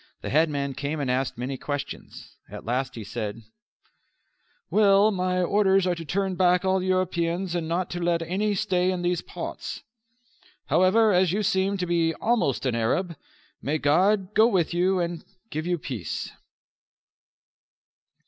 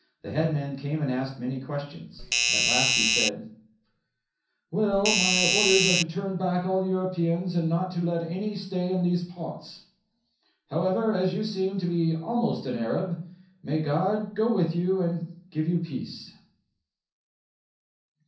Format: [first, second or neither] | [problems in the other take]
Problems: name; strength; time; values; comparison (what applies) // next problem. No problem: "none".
first | background sound (Doorbell); 5 dB above the speech // room echo; dies away in 0.6 s